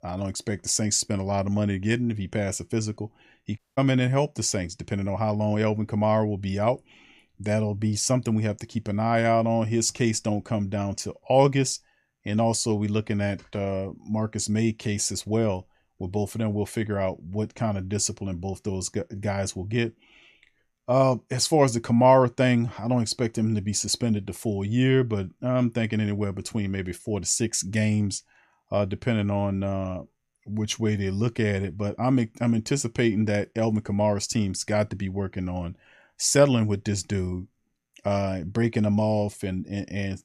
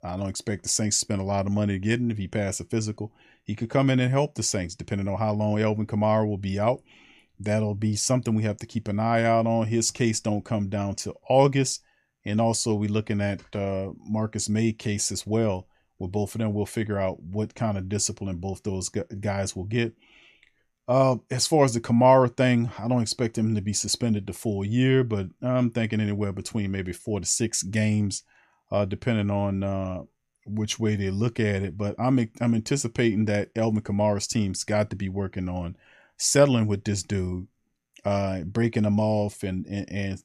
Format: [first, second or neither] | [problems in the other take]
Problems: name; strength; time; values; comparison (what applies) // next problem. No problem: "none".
second | audio cutting out; at 3.5 s